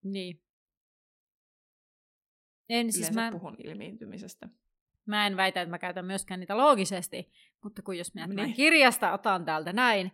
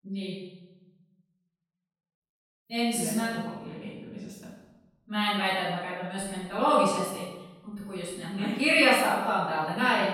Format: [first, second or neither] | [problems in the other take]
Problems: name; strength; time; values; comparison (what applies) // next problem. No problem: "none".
first | off-mic speech; far // room echo; strong; dies away in 1 s